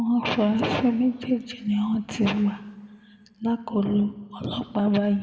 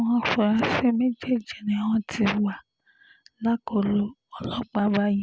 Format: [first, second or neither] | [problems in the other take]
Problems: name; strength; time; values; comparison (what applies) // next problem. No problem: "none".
second | room echo; dies away in 1.1 s